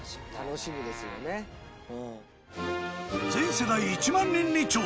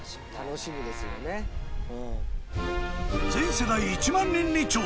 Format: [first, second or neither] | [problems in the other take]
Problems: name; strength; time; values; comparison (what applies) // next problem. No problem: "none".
first | background sound (Wind); 3 dB below the speech